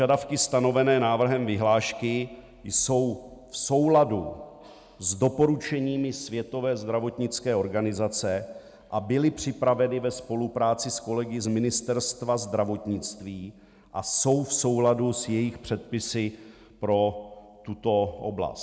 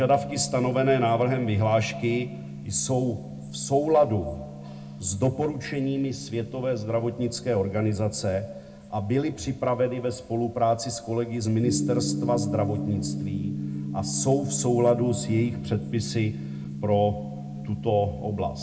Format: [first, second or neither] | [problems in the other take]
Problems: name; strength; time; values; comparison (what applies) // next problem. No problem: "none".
first | background sound (Gong); 8 dB below the speech // room echo; dies away in 0.2 s